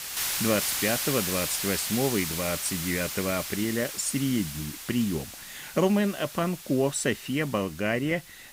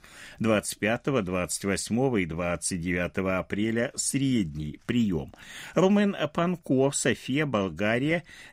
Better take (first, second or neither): second